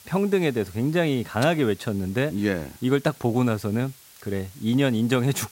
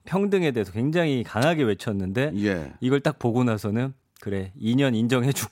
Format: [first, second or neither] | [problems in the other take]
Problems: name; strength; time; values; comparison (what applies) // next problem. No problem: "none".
second | hiss; faint; throughout; 25 dB below the speech